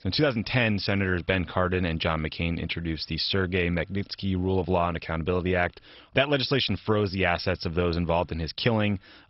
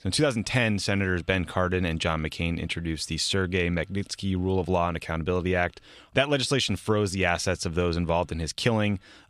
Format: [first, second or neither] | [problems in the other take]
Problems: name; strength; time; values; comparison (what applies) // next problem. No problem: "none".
second | garbled, watery; badly; nothing above 5.5 kHz